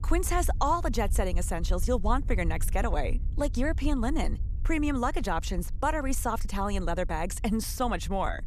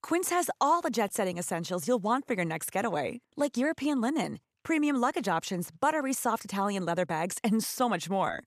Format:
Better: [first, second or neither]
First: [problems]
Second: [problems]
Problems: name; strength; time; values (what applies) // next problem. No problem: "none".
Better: second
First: low rumble; faint; throughout; 25 dB below the speech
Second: none